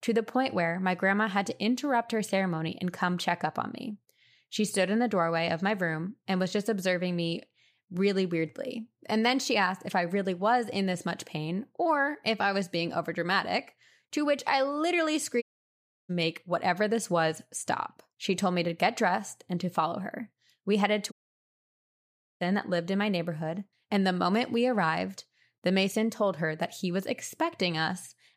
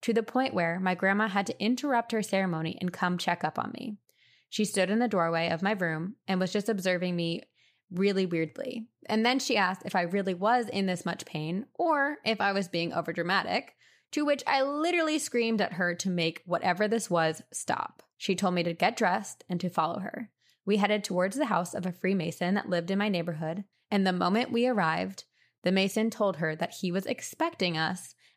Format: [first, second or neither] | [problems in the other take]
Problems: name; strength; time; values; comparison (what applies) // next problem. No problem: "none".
second | audio cutting out; at 15 s for 0.5 s and at 21 s for 1.5 s